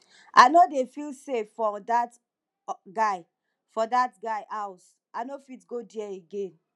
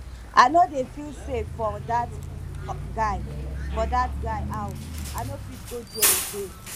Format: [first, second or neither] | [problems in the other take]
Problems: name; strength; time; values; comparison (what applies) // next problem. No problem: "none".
first | background sound (Bus); 3 dB below the speech